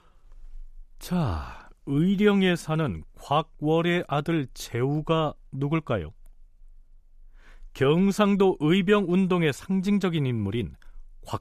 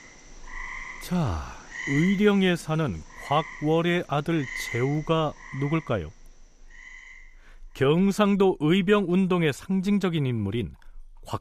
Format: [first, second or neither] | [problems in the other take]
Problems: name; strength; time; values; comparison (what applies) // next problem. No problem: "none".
first | animal sounds; noticeable; throughout; 15 dB below the speech